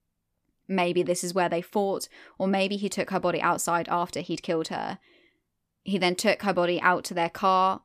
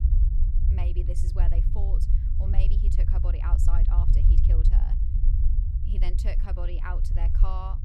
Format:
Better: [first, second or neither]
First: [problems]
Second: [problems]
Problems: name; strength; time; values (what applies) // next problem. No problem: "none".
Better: first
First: none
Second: low rumble; loud; throughout; 3 dB below the speech